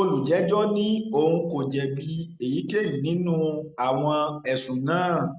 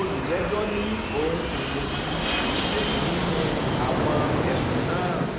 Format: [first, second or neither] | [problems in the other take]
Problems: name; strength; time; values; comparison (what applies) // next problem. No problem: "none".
first | background sound (Fixed-wing aircraft, airplane); 3 dB above the speech